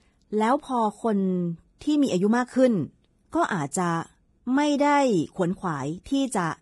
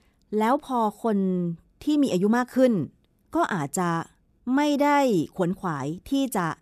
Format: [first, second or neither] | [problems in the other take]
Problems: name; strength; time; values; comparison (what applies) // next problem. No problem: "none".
second | garbled, watery; badly; nothing above 10.5 kHz